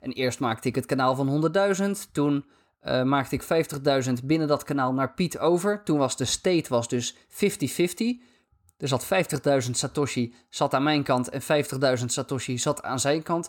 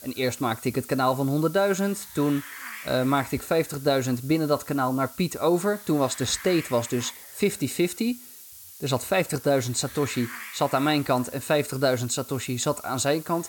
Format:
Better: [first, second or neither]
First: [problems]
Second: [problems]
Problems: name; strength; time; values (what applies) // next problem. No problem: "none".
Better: first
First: none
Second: hiss; noticeable; throughout; 15 dB below the speech